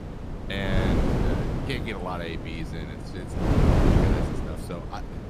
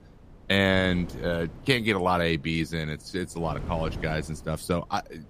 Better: second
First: wind noise on the microphone; heavy; 3 dB above the speech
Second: wind noise on the microphone; occasional gusts; 20 dB below the speech

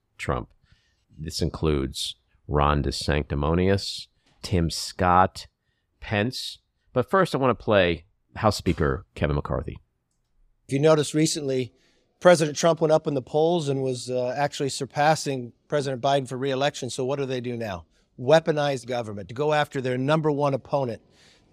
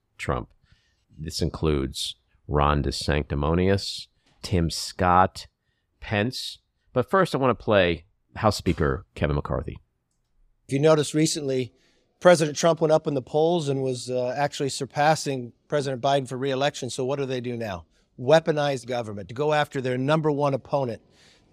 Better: neither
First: none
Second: none

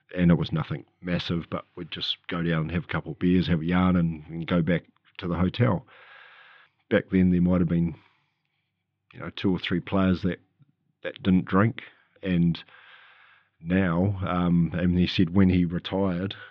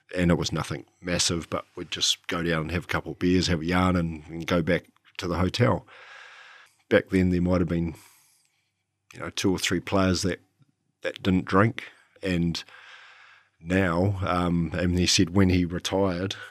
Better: second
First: muffled; slightly; fading above 3.5 kHz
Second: none

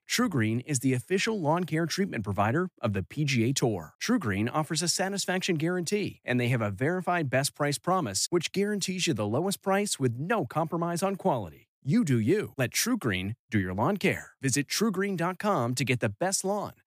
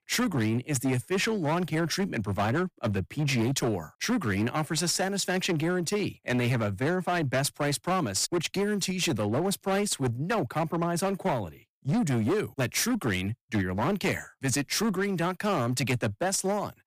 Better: first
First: none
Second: distortion; slight; 15% of the sound clipped

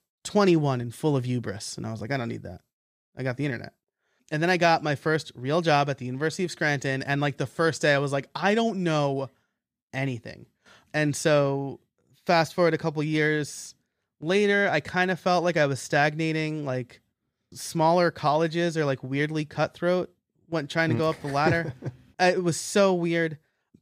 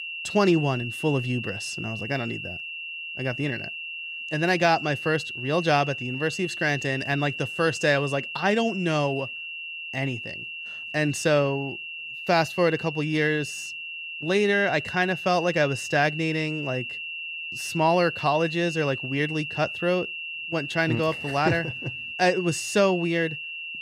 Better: first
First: none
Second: high-pitched whine; loud; throughout; 2.5 kHz, 7 dB below the speech

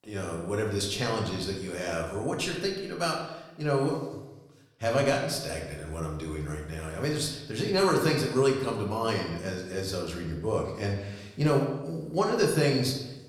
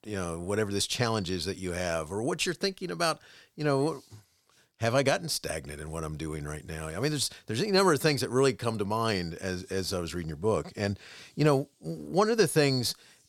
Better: second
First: room echo; slight; dies away in 0.8 s // off-mic speech; somewhat distant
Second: none

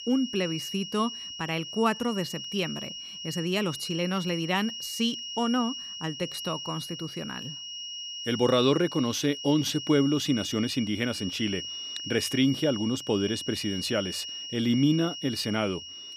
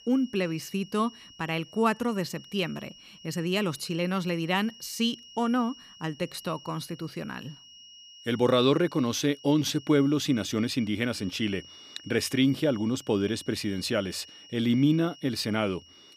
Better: second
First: high-pitched whine; loud; throughout; 3 kHz, 7 dB below the speech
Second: high-pitched whine; faint; throughout; 3 kHz, 20 dB below the speech

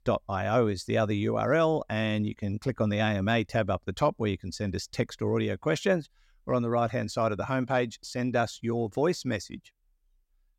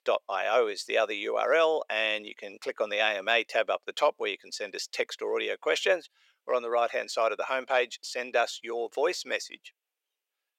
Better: first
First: none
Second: thin; very; fading below 450 Hz

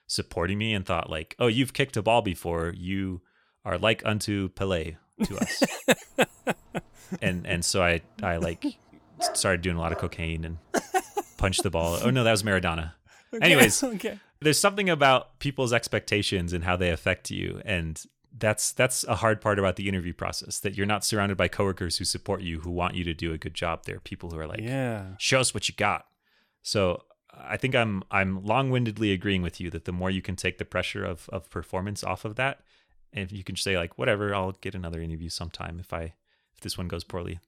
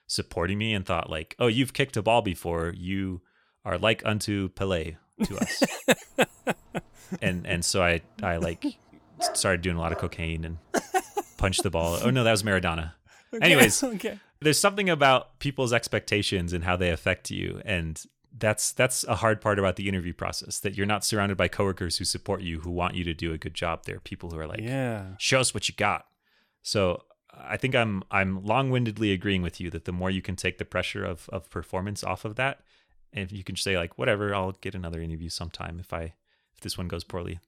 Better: neither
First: dog barking; noticeable; at 9 s; peak 6 dB below the speech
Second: dog barking; noticeable; at 9 s; peak 6 dB below the speech

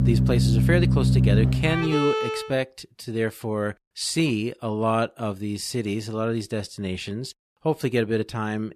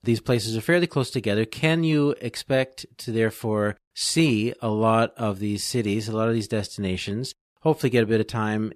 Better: second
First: background music; very loud; until 2 s; 5 dB above the speech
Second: none

